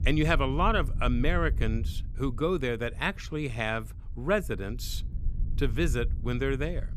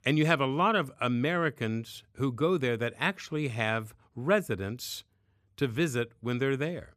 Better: second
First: low rumble; faint; throughout; 20 dB below the speech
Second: none

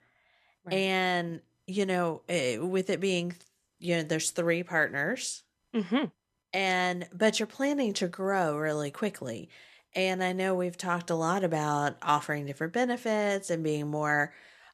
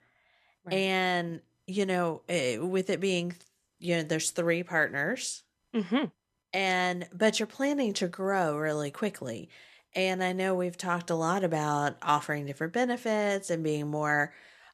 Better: neither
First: none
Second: none

